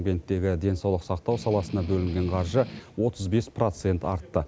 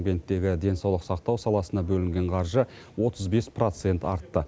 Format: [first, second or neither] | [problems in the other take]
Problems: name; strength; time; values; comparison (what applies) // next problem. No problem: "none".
second | background sound (Strum); 13 dB below the speech